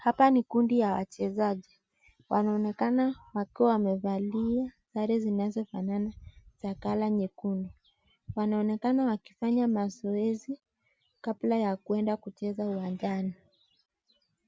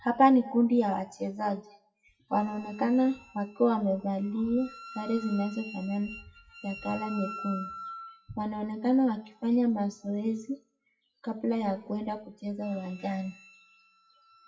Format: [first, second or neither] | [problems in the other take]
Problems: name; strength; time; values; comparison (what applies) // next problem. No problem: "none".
first | noise reduction (classical method WPE with log-MMSE)